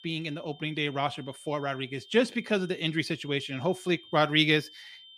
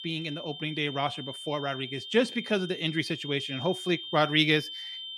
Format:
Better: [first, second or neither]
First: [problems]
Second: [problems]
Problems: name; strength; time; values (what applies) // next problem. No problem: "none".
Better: first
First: high-pitched whine; faint; throughout; 3 kHz, 20 dB below the speech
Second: high-pitched whine; loud; throughout; 3 kHz, 9 dB below the speech